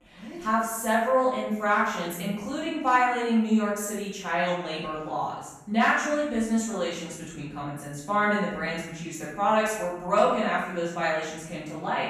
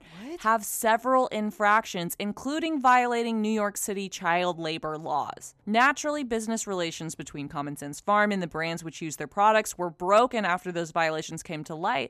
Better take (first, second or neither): second